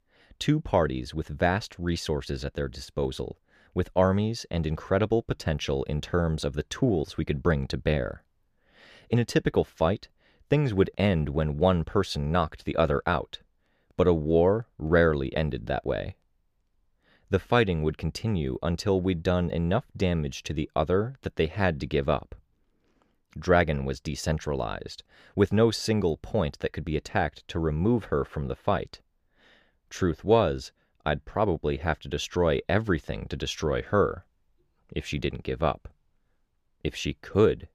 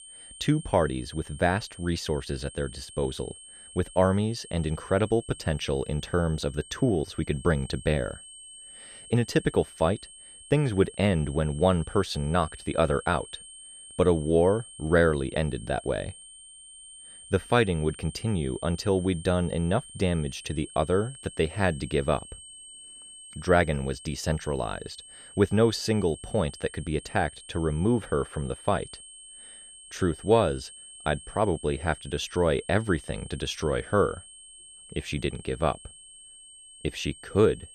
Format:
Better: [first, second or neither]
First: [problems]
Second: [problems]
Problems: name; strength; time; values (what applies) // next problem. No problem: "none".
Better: first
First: none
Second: high-pitched whine; noticeable; throughout; 8.5 kHz, 15 dB below the speech